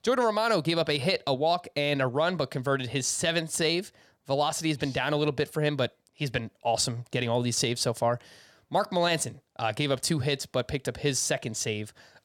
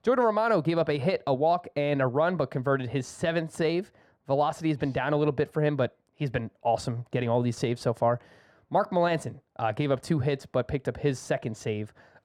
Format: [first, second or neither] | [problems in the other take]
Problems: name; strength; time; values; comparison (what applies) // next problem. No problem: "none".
first | muffled; very; fading above 2.5 kHz